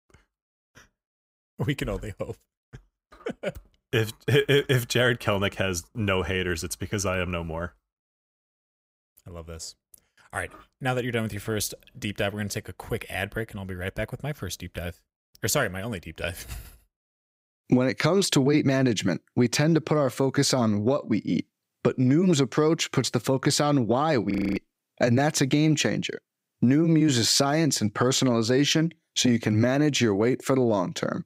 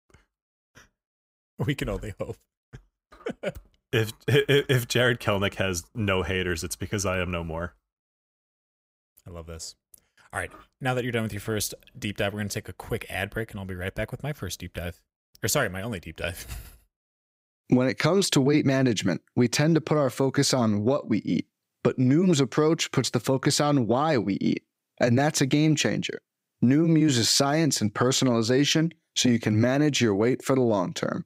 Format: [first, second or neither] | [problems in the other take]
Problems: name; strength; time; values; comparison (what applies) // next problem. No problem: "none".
second | audio freezing; at 24 s